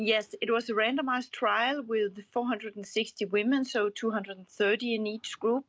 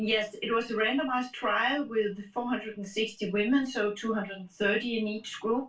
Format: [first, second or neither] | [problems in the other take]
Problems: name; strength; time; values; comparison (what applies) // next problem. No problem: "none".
first | room echo; dies away in 0.2 s